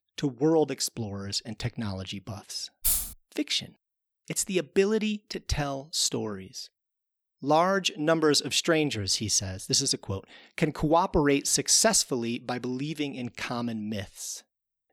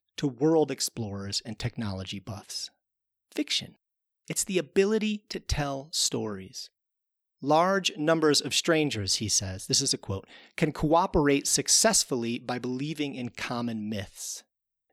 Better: second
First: jangling keys; loud; at 3 s; peak 2 dB above the speech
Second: none

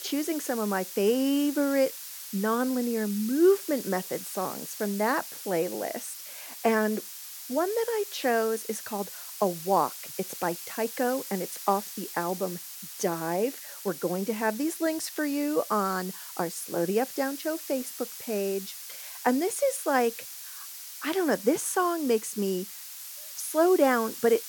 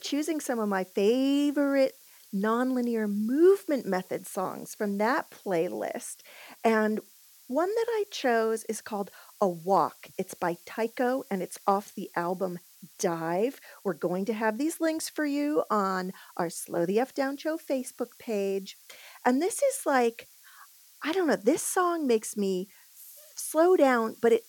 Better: second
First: hiss; loud; throughout; 10 dB below the speech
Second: hiss; faint; throughout; 25 dB below the speech

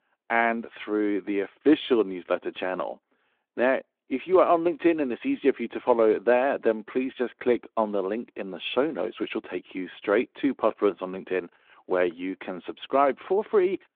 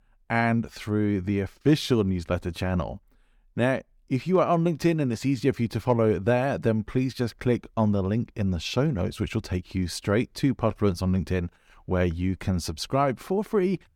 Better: second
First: phone-call audio; nothing above 3.5 kHz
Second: none

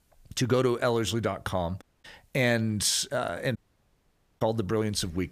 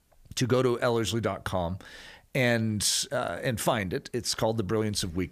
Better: second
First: audio cutting out; at 2 s and at 3.5 s for 1 s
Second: none

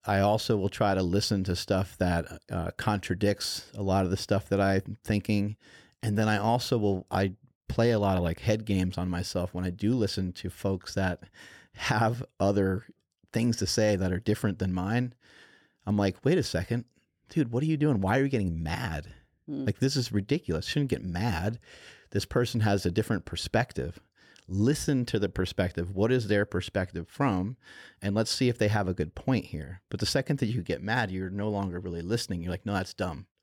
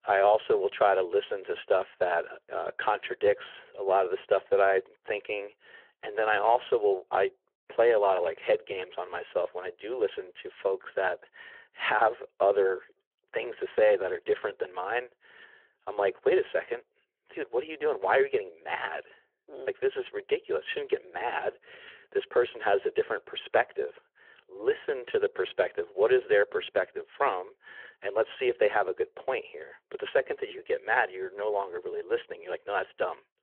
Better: first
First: none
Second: phone-call audio

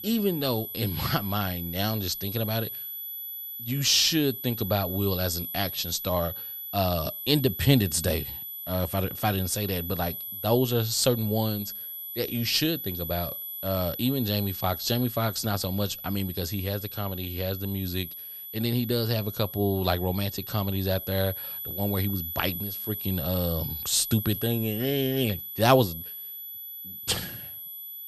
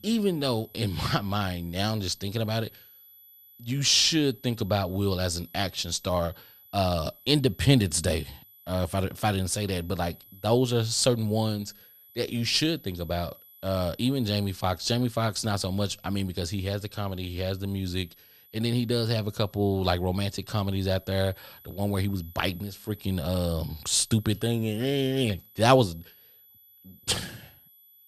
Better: second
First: high-pitched whine; loud; throughout; 12 kHz, 7 dB below the speech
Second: high-pitched whine; faint; throughout; 12 kHz, 25 dB below the speech

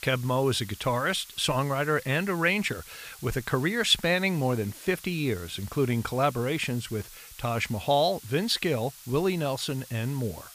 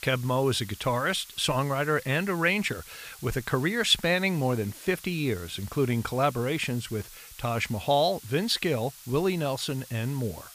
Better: neither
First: hiss; noticeable; throughout; 20 dB below the speech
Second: hiss; noticeable; throughout; 20 dB below the speech

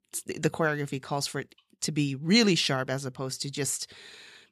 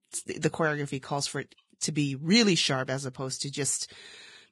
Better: first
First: none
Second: garbled, watery; badly; nothing above 10.5 kHz

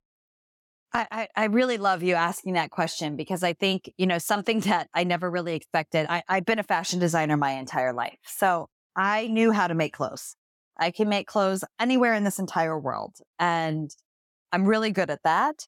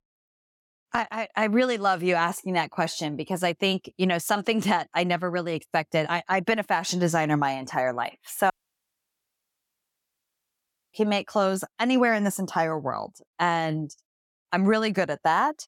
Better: first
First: none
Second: audio cutting out; at 8.5 s for 2.5 s

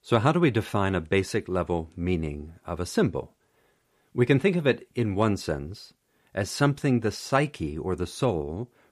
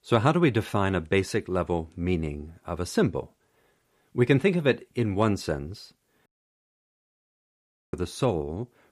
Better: first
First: none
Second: audio cutting out; at 6.5 s for 1.5 s

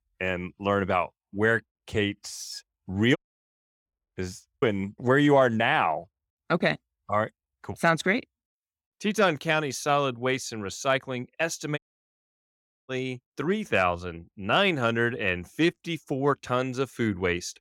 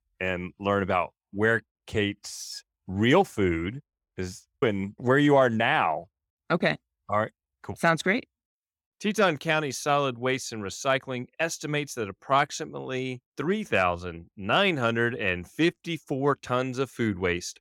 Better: second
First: audio cutting out; at 3 s for 0.5 s and at 12 s for 1 s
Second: none

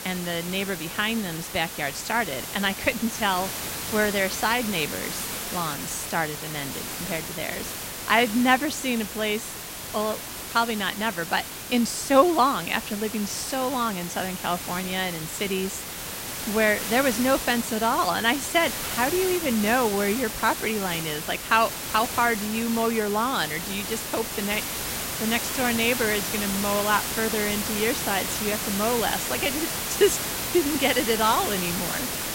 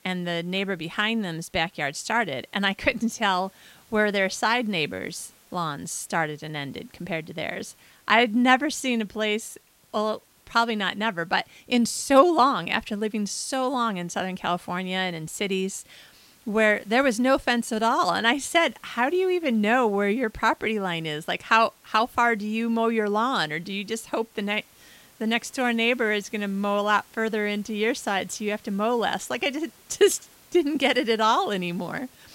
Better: second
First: hiss; loud; throughout; 4 dB below the speech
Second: hiss; faint; throughout; 30 dB below the speech

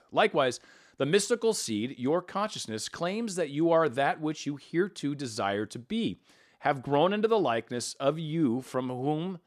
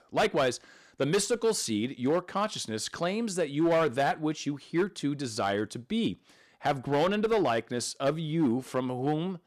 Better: first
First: none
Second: distortion; slight; 5% of the sound clipped

